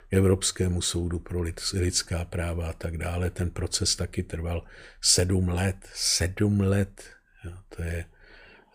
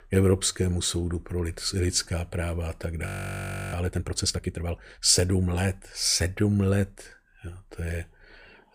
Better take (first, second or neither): first